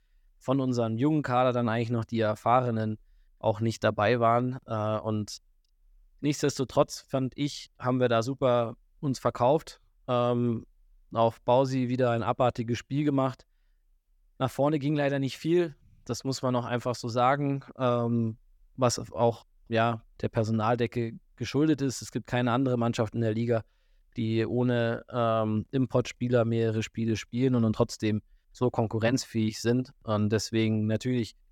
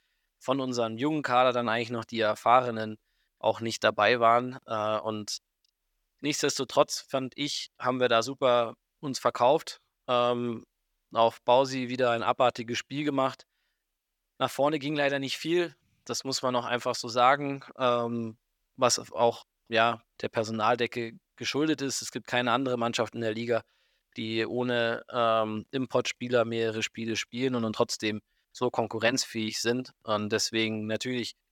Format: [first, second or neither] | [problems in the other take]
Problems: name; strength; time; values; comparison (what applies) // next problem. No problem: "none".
first | thin; very slightly; fading below 600 Hz